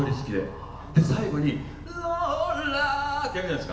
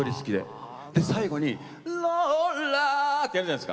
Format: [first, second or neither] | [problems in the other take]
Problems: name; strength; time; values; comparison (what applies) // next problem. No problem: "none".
second | background sound (Bus); 15 dB below the speech // room echo; dies away in 0.8 s